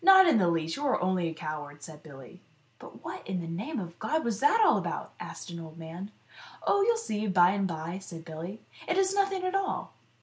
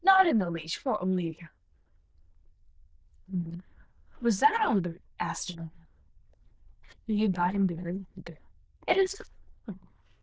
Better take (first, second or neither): first